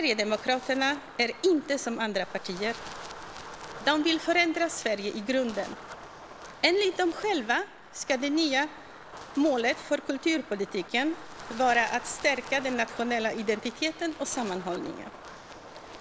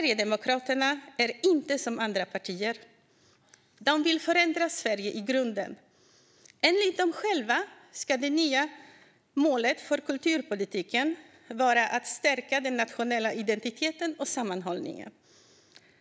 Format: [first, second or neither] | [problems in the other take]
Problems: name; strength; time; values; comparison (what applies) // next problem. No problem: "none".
second | background sound (Wind); 15 dB below the speech